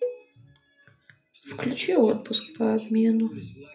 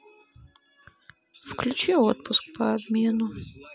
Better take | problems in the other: second | background sound (Cowbell); 11 dB below the speech // room echo; dies away in 0.3 s

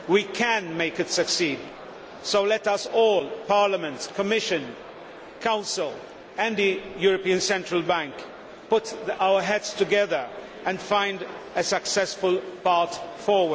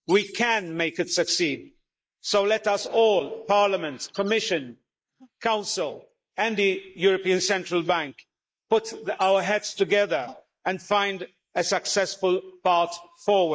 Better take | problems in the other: first | noise reduction (neural mask model Resemble Enhance denoiser)

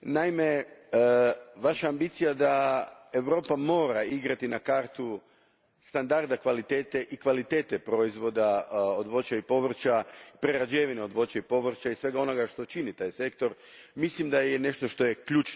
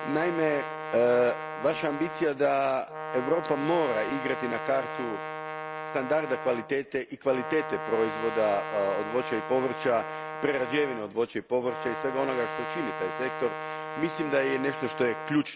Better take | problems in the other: first | background sound (Brass instrument); 7 dB below the speech

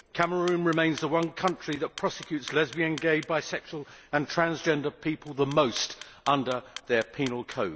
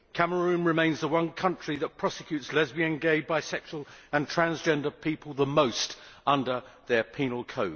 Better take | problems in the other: second | background sound (Clock); 20 dB below the speech

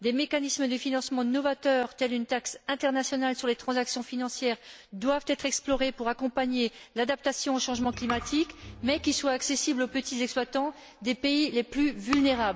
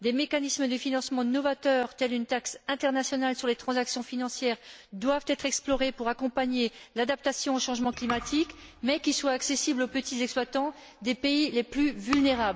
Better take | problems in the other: second | background sound (Bowed string instrument); 19 dB below the speech

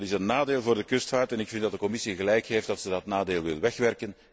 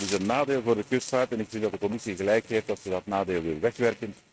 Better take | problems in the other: first | noise reduction (neural mask model RNNoise)

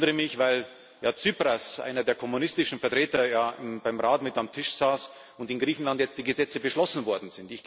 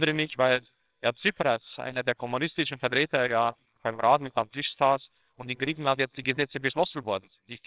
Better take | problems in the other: first | noise reduction (neural separator model SepFormer WHAMR!)

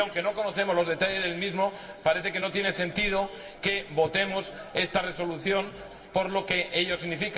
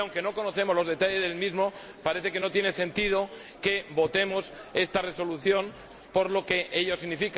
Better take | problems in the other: second | room echo; dies away in 1.8 s

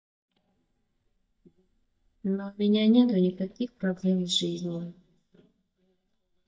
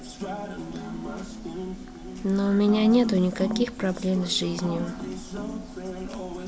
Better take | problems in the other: second | noise reduction (neural mask model DeepFilterNet 3)

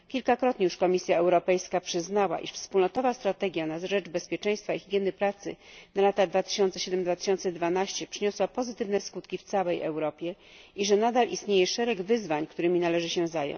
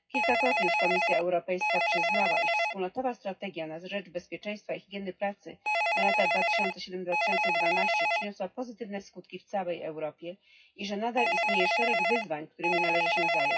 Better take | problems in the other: first | noise reduction (classical method WPE with log-MMSE)

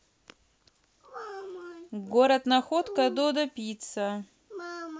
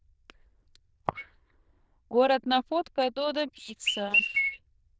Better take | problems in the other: first | noise reduction (neural diffusion model UNIVERSE++)

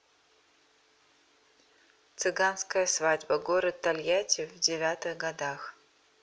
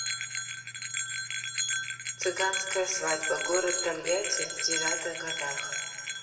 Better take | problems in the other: first | background sound (Bell); 1 dB above the speech // room echo; dies away in 2.5 s

